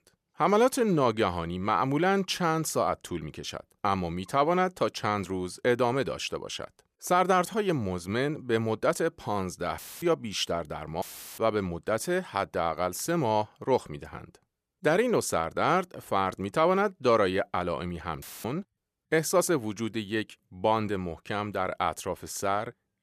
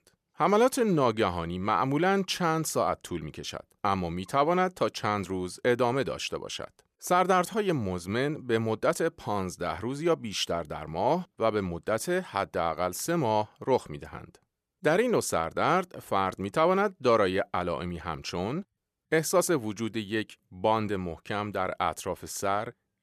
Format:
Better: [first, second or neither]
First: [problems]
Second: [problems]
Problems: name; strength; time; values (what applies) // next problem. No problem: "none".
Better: second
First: audio cutting out; filled with static; at 10 s, at 11 s and at 18 s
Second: none